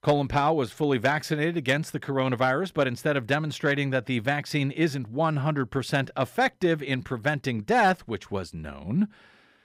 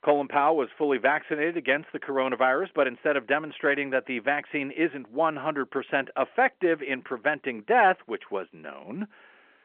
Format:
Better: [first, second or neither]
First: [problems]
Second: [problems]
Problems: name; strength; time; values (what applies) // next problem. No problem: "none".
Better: first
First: none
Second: phone-call audio